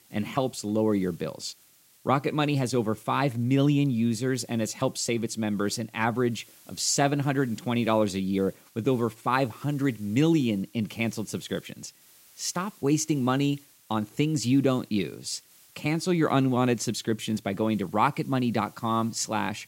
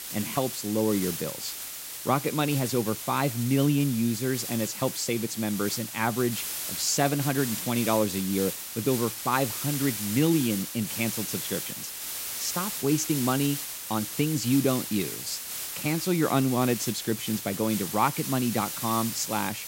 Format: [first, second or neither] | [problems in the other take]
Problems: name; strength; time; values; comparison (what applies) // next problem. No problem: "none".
first | hiss; loud; throughout; 5 dB below the speech; faint in the first